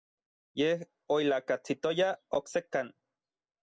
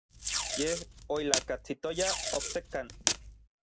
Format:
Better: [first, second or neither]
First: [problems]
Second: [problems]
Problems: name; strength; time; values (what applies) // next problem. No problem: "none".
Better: first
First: none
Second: background sound (Packing tape, duct tape); 1 dB above the speech